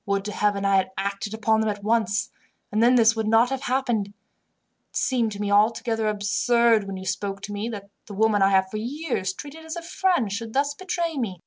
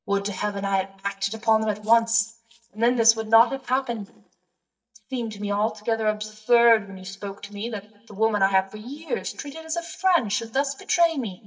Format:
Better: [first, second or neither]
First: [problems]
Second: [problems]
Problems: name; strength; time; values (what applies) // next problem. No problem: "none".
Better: first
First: none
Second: noise reduction (neural mask model DeepFilterNet 3)